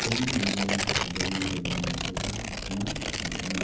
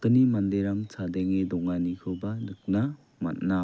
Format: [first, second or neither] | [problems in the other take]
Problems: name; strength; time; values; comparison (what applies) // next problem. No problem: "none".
second | background sound (Tearing); 2 dB above the speech // room echo; dies away in 0.9 s